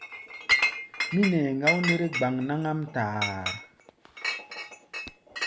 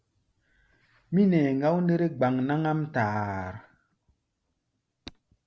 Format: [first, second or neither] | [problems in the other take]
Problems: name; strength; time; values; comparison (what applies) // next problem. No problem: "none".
second | background sound (Chink, clink); 2 dB below the speech